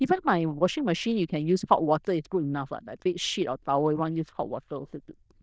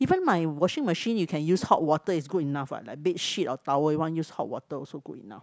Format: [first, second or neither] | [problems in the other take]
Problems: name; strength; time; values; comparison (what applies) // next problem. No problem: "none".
second | noise reduction (neural diffusion model UNIVERSE++)